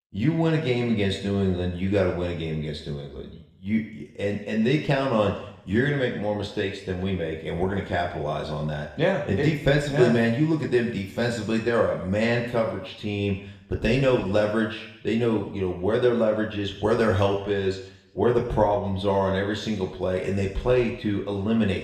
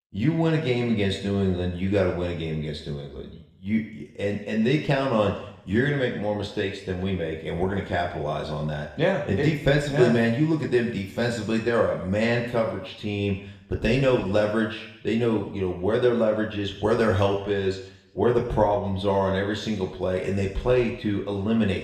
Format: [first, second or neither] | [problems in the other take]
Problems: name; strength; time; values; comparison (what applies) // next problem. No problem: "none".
neither | room echo; noticeable; dies away in 0.8 s; the same in both // off-mic speech; somewhat distant; the same in both